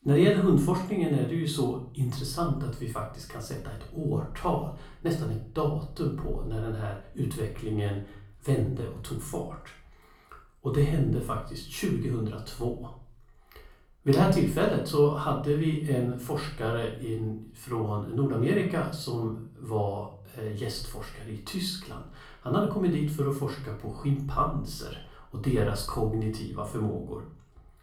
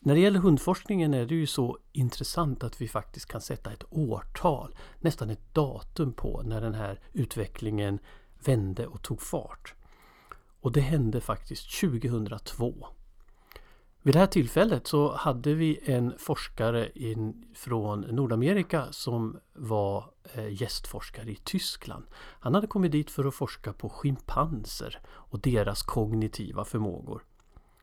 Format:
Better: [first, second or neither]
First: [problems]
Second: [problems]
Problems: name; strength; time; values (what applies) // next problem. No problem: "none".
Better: second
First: off-mic speech; far // room echo; slight; dies away in 0.4 s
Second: none